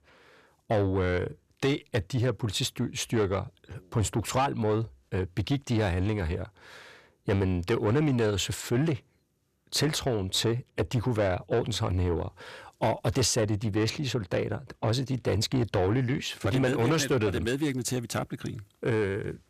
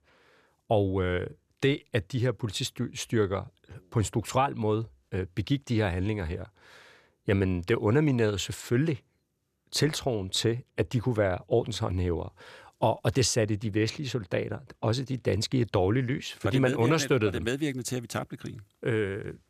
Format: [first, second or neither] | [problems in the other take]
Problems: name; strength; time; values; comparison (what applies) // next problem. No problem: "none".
second | distortion; slight; 10 dB below the speech